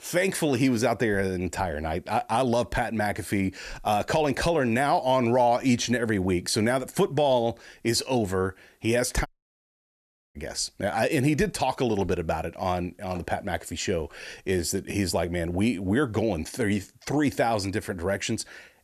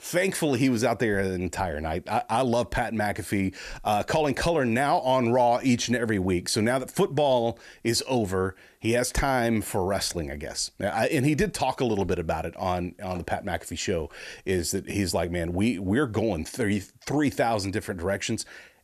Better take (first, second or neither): second